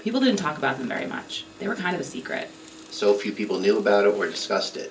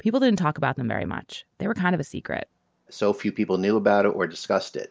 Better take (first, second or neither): second